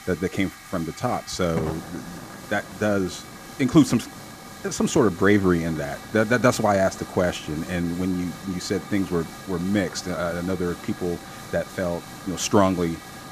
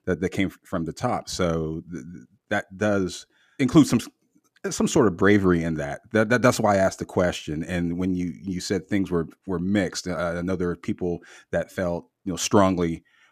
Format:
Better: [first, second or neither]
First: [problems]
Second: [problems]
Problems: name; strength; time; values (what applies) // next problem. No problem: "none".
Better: second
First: hiss; noticeable; throughout; 15 dB below the speech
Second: none